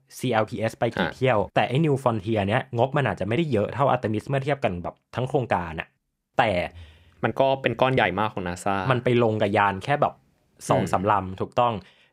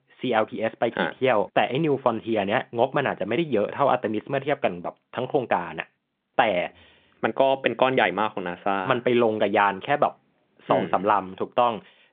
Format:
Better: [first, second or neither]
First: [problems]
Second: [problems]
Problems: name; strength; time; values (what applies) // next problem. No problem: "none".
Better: first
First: none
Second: phone-call audio; nothing above 3.5 kHz